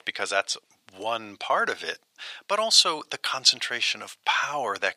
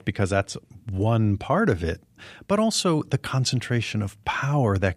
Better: second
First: thin; very; fading below 850 Hz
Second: none

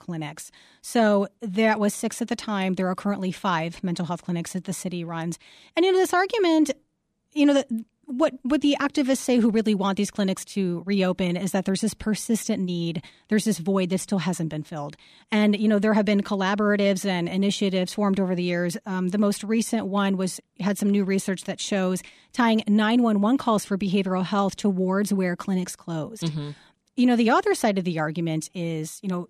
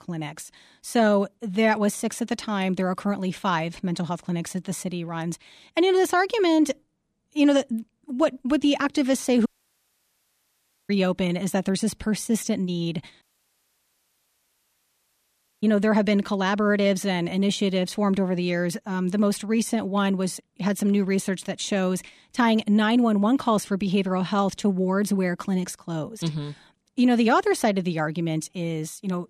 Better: first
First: none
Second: audio cutting out; at 9.5 s for 1.5 s and at 13 s for 2.5 s

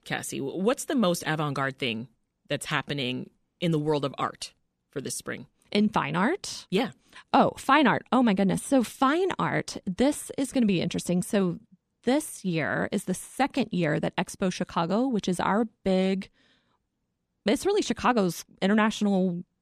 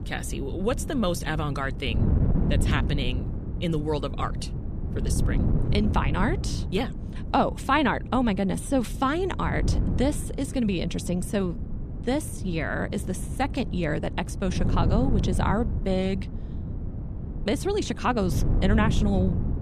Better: first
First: none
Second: wind noise on the microphone; occasional gusts; 10 dB below the speech

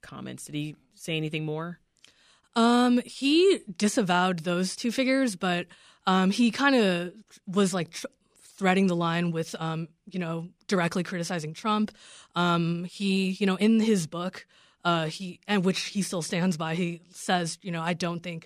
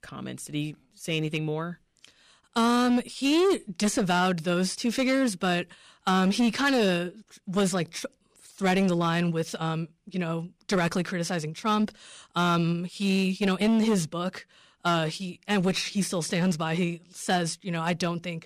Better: first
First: none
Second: distortion; slight; 8% of the sound clipped

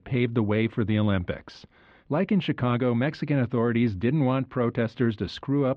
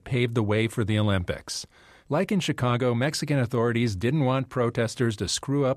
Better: second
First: muffled; slightly; fading above 3.5 kHz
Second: none

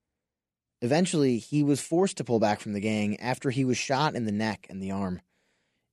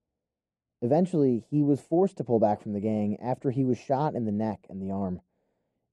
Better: first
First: none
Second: muffled; very; fading above 1 kHz

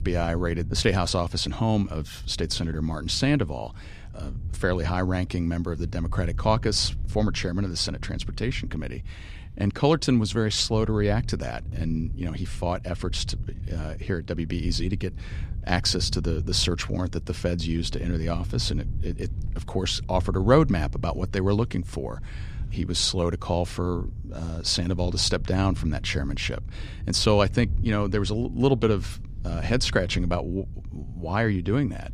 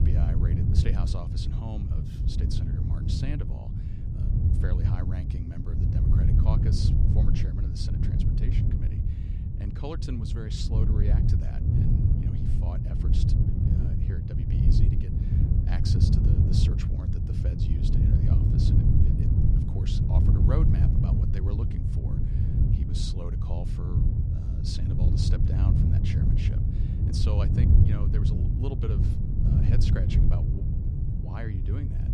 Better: first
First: wind noise on the microphone; occasional gusts; 25 dB below the speech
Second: wind noise on the microphone; heavy; 4 dB above the speech

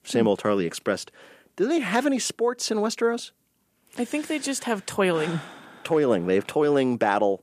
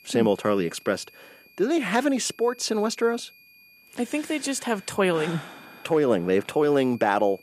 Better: first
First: none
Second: high-pitched whine; faint; throughout; 2.5 kHz, 25 dB below the speech

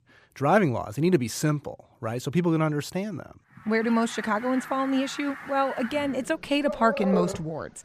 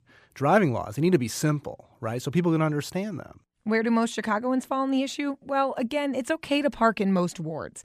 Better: second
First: animal sounds; loud; from 4 s on; 10 dB below the speech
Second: none

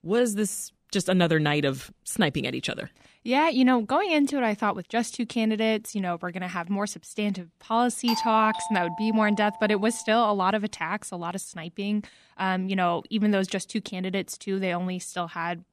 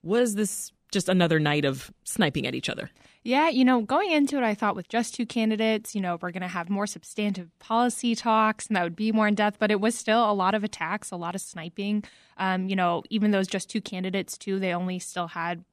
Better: second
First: doorbell; noticeable; from 8 to 10 s; peak 3 dB below the speech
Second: none

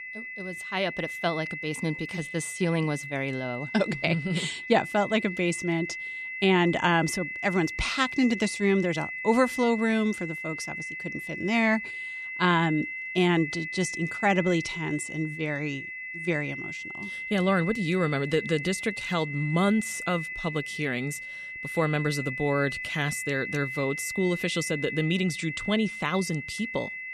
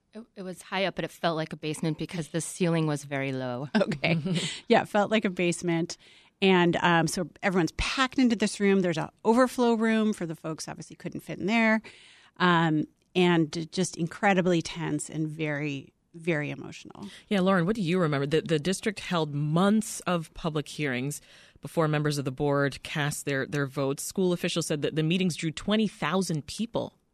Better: second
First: high-pitched whine; loud; throughout; 2 kHz, 7 dB below the speech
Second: none

